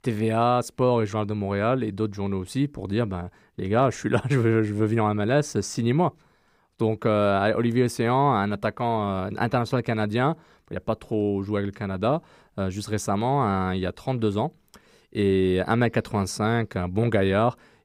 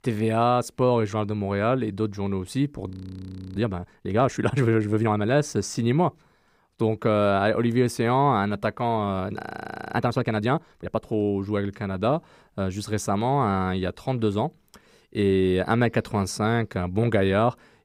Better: first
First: none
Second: audio freezing; at 3 s for 0.5 s and at 9.5 s for 0.5 s

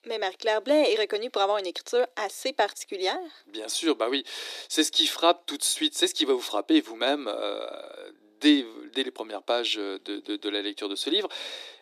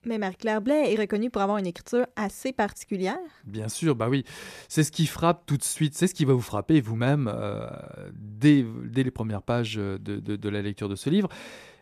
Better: second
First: thin; somewhat; fading below 300 Hz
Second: none

